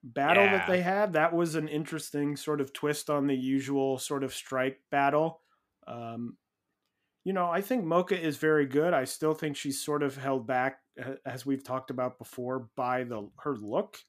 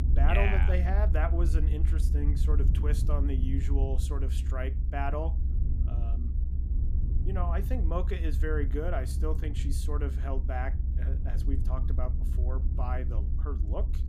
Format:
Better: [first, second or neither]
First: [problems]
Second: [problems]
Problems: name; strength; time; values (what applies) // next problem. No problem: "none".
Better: first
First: none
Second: low rumble; loud; throughout; 9 dB below the speech